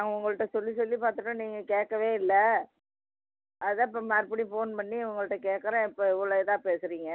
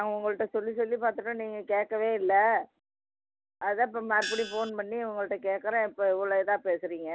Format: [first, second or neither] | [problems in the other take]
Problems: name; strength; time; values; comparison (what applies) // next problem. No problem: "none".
first | background sound (Gong); 7 dB below the speech